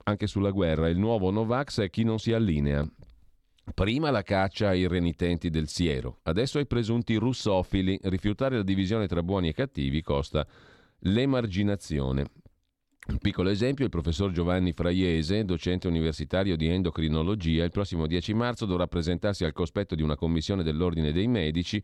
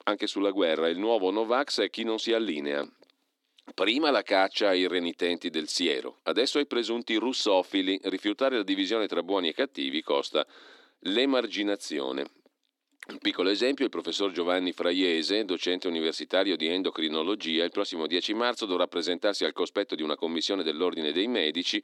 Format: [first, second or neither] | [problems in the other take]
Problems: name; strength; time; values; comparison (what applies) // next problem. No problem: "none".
first | thin; somewhat; fading below 300 Hz